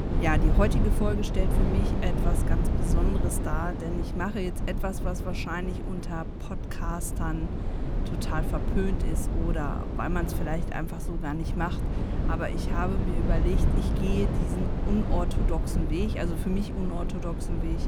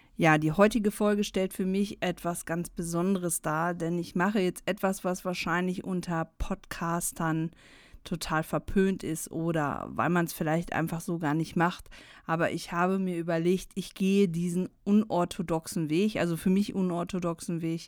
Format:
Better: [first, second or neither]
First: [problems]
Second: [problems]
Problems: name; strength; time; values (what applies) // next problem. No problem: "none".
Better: second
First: wind noise on the microphone; heavy; 3 dB below the speech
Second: none